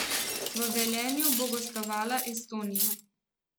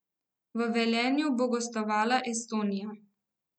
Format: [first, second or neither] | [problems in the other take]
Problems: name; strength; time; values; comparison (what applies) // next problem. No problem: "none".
second | background sound (Cutlery, silverware + Shatter); 1 dB above the speech